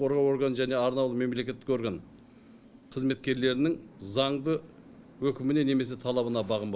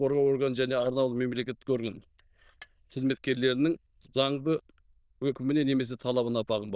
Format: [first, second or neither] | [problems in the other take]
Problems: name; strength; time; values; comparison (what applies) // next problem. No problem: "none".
first | noise reduction (neural diffusion model UNIVERSE++)